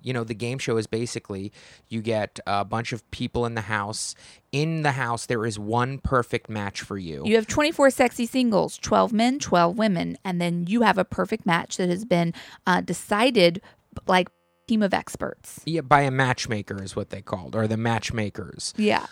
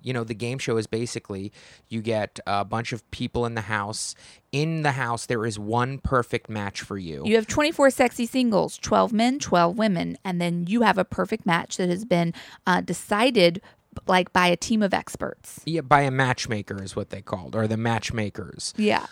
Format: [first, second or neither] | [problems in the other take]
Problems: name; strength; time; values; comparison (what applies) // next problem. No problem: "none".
second | audio freezing; at 14 s